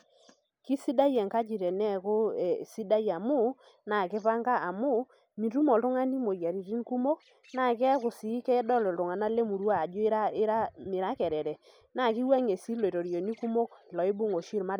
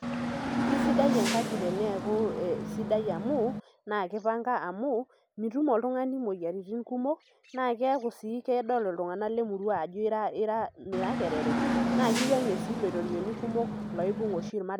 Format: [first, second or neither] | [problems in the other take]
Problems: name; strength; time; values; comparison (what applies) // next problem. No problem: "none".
first | background sound (Hiss / Bus / Engine); as loud as the speech